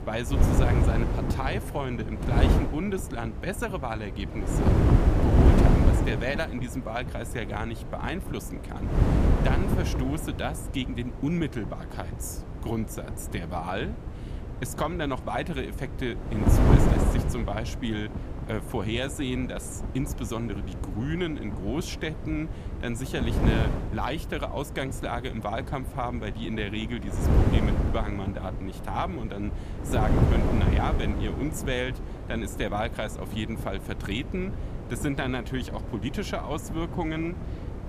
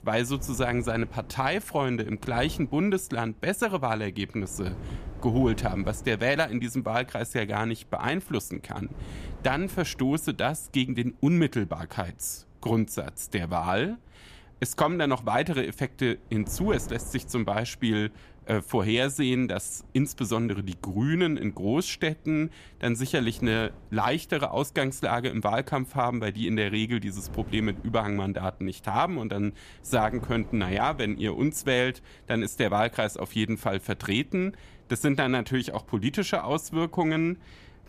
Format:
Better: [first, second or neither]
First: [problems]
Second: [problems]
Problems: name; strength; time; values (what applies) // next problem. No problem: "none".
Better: second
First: wind noise on the microphone; heavy; 3 dB below the speech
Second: wind noise on the microphone; occasional gusts; 25 dB below the speech